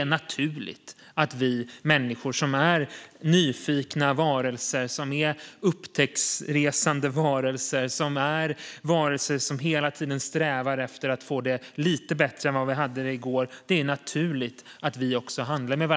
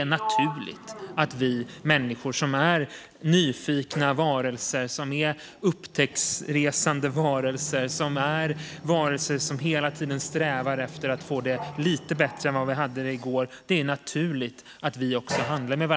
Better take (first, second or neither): first